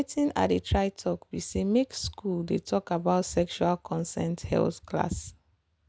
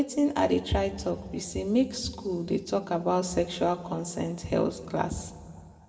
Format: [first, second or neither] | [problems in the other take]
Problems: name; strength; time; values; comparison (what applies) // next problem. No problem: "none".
first | room echo; dies away in 1.4 s